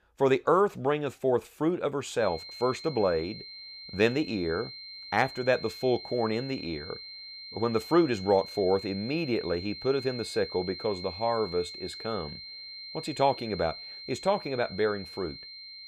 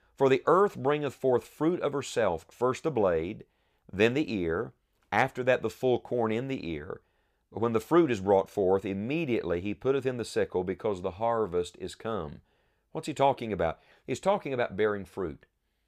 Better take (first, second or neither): second